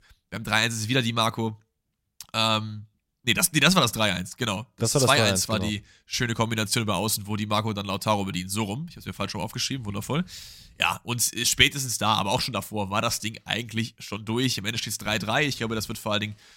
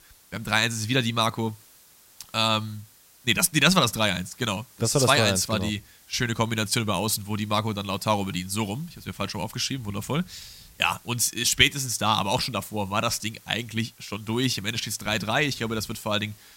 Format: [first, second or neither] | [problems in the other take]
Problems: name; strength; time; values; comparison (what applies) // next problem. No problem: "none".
first | hiss; faint; throughout; 25 dB below the speech